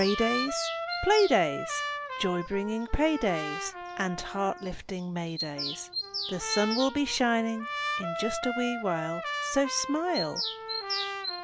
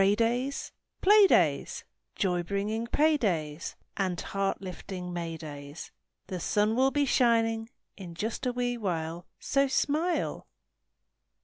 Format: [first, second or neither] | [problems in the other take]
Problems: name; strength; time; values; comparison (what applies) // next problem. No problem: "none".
second | background sound (Bird vocalization, bird call, bird song + Trumpet); 5 dB below the speech